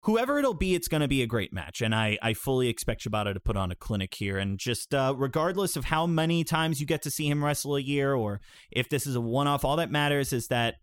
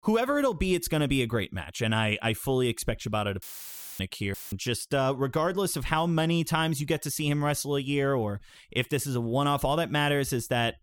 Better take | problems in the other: first | audio cutting out; filled with static; at 3.5 s for 0.5 s and at 4.5 s

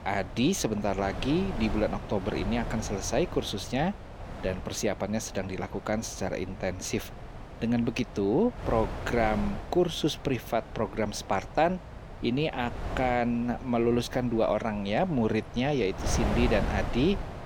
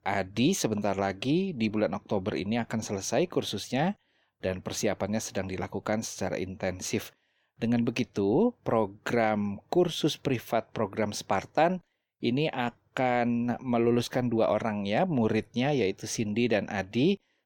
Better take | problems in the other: second | wind noise on the microphone; occasional gusts; 10 dB below the speech

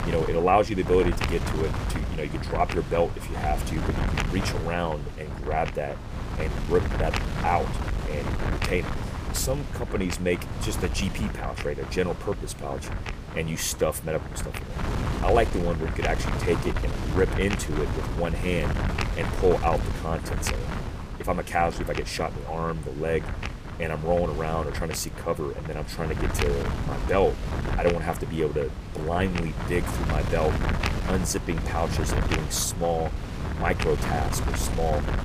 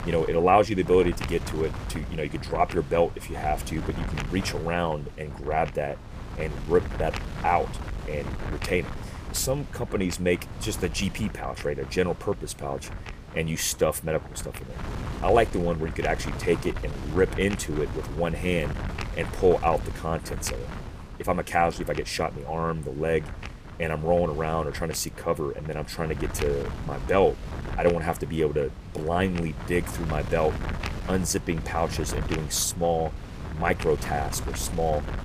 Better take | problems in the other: second | wind noise on the microphone; heavy; 6 dB below the speech; occasional gusts in the second

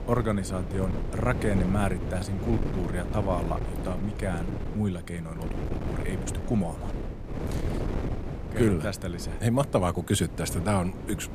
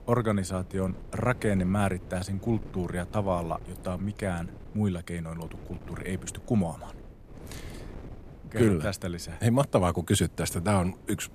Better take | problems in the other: second | wind noise on the microphone; heavy; 8 dB below the speech; occasional gusts in the second

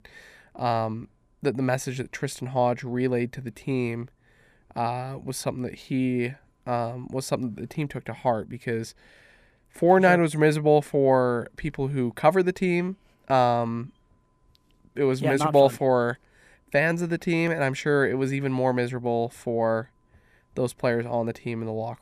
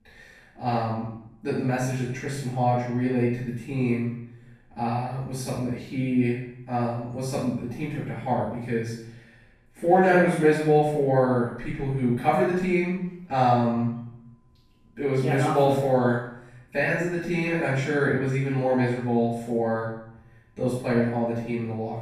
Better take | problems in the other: first | off-mic speech; far // room echo; strong; dies away in 0.7 s

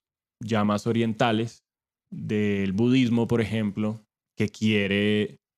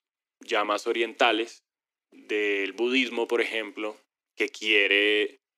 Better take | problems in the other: first | thin; very; fading below 300 Hz

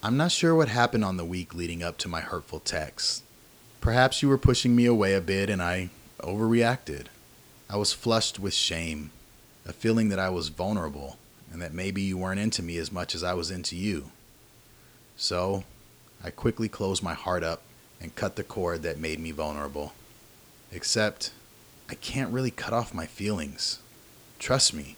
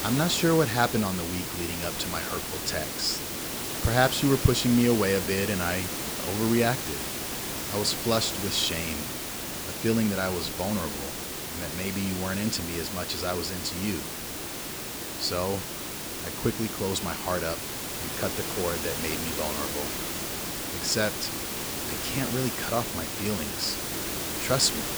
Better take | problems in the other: first | hiss; loud; throughout; 3 dB below the speech; faint in the first

